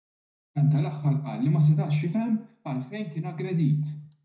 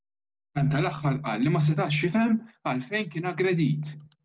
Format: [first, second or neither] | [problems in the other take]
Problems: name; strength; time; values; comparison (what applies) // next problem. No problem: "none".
second | room echo; dies away in 0.5 s